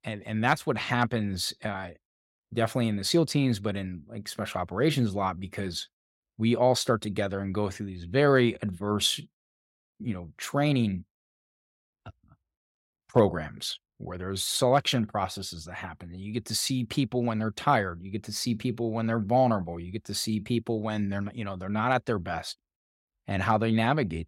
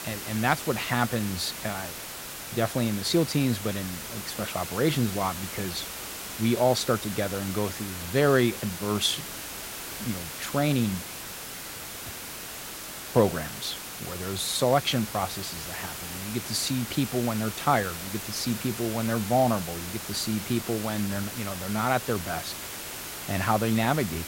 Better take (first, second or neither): first